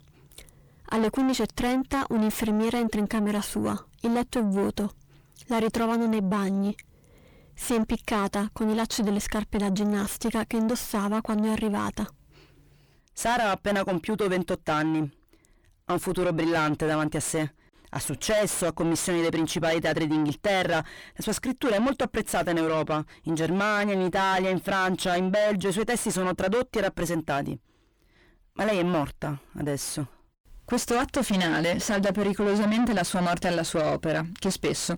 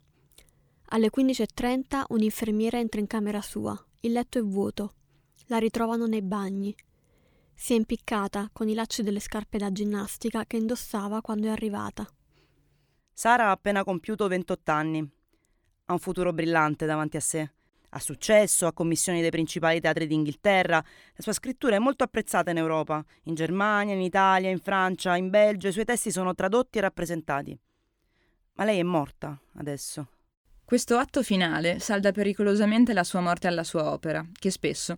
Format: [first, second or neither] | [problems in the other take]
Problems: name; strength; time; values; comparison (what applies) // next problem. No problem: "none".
second | distortion; heavy; 5 dB below the speech